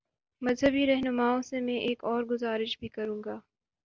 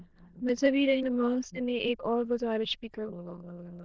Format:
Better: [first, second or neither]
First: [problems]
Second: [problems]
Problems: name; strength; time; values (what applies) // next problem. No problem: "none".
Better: first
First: none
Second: noise reduction (neural diffusion model UNIVERSE++)